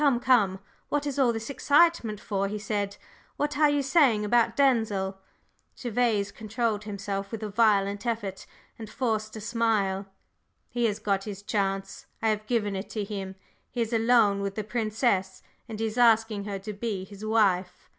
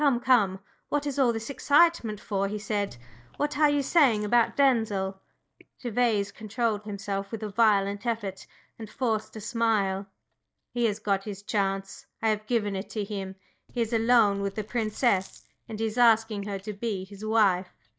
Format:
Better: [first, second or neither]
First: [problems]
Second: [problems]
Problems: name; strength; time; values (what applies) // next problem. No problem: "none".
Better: first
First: none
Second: noise reduction (neural mask model DeepFilterNet 3)